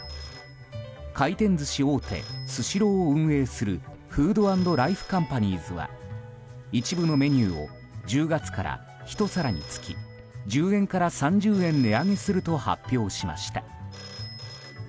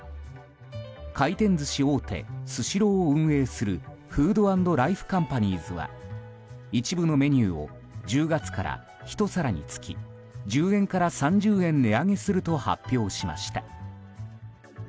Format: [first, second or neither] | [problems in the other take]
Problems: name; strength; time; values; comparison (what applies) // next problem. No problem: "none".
second | background sound (Boom + Telephone); 20 dB below the speech